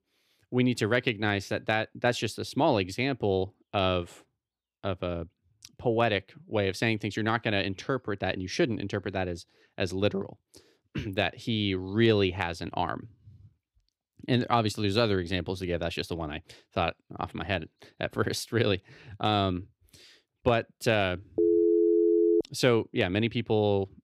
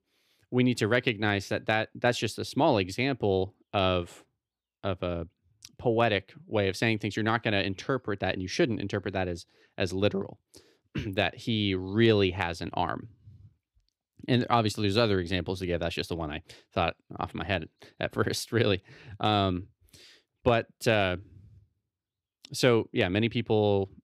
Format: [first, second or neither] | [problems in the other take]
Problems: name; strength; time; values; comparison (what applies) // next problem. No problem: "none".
second | phone ringing; loud; from 21 to 22 s; peak 6 dB above the speech